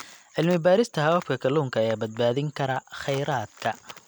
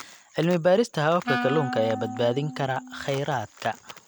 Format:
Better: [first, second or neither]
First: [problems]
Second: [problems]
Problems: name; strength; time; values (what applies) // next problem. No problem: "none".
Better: first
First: none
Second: background sound (Wind instrument, woodwind instrument); 8 dB below the speech